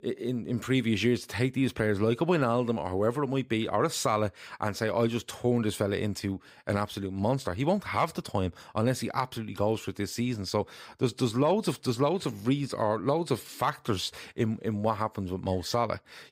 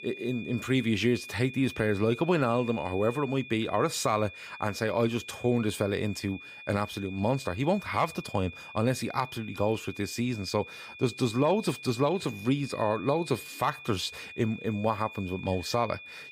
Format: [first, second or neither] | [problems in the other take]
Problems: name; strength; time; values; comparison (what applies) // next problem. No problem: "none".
first | high-pitched whine; noticeable; throughout; 2.5 kHz, 15 dB below the speech